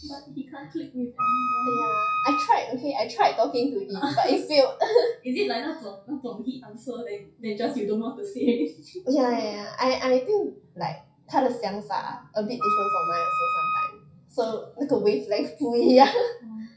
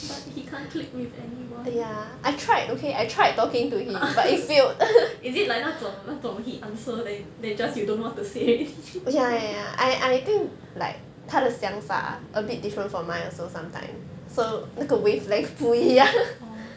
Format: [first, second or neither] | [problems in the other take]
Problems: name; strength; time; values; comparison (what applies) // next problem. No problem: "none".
second | noise reduction (classical method WPE with log-MMSE)